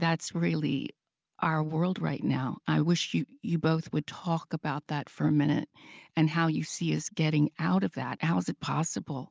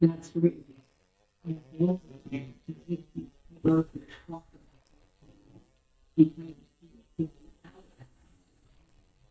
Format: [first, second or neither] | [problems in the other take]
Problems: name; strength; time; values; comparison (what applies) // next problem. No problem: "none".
first | noise reduction (neural mask model DeepFilterNet 3)